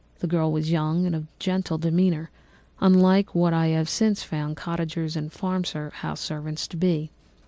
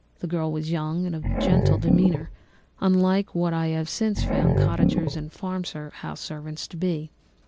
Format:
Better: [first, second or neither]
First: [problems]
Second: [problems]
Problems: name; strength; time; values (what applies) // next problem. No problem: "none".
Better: first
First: none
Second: background sound (Growling); 1 dB above the speech